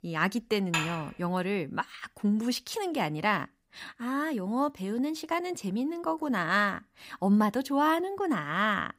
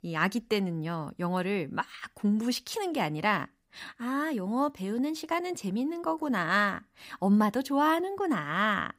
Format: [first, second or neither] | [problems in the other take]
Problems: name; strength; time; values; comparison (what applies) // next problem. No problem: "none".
second | clattering dishes; noticeable; at 0.5 s; peak 2 dB below the speech